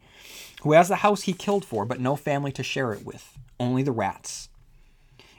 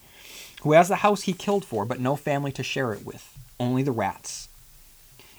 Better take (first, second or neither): first